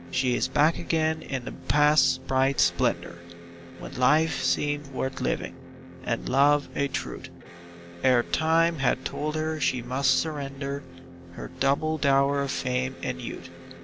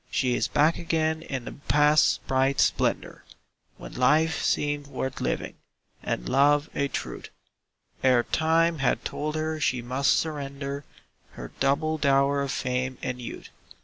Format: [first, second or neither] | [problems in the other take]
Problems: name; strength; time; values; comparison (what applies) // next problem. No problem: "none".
second | background sound (Electric guitar); 16 dB below the speech